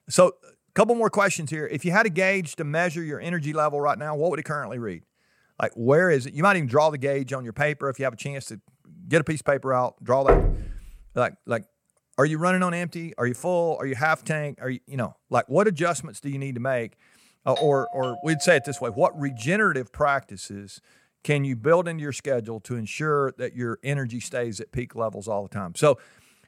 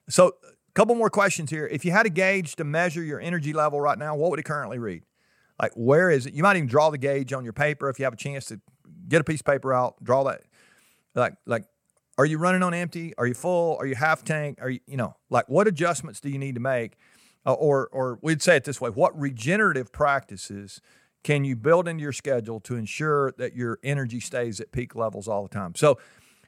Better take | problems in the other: second | door banging; loud; at 10 s; peak 3 dB above the speech // doorbell; noticeable; from 18 to 19 s; peak 7 dB below the speech

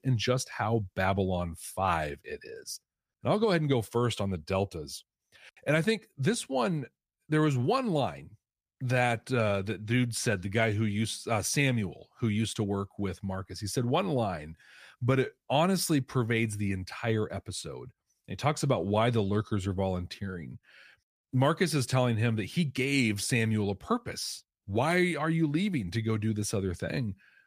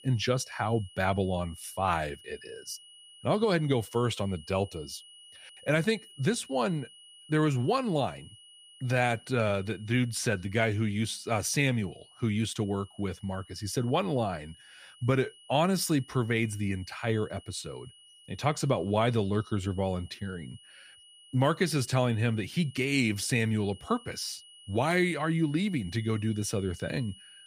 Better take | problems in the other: first | high-pitched whine; faint; throughout; 3 kHz, 20 dB below the speech

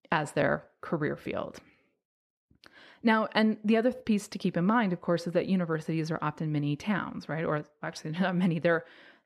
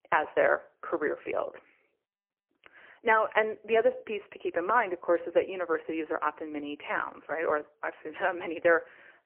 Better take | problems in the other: first | phone-call audio; poor line; nothing above 3 kHz

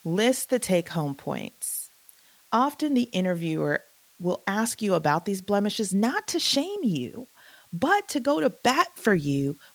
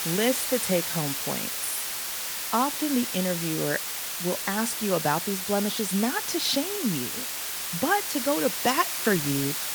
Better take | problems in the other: first | hiss; loud; throughout; 1 dB below the speech; faint in the first

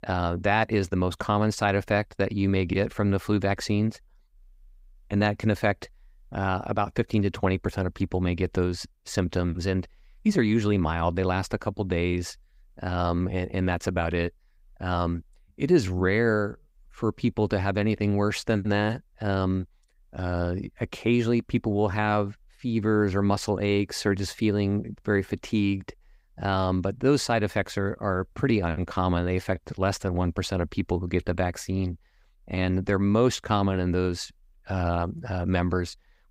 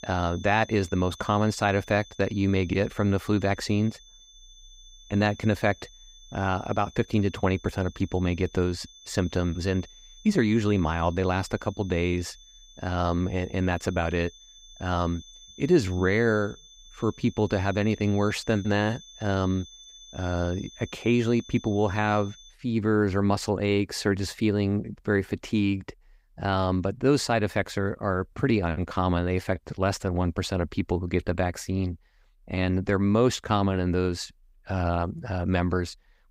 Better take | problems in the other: first | high-pitched whine; faint; until 23 s; 3.5 kHz, 20 dB below the speech

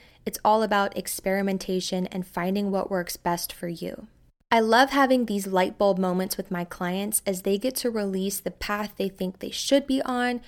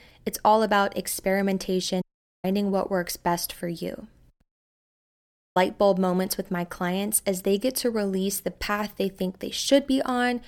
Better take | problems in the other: first | audio cutting out; at 2 s and at 4.5 s for 1 s

